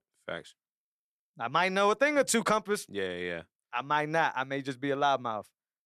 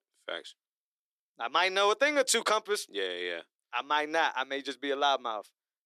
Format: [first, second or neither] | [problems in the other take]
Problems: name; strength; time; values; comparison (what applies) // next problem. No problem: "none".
first | thin; very slightly; fading below 350 Hz